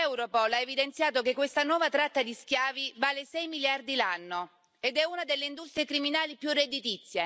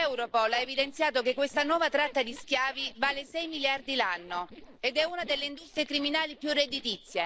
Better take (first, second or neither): first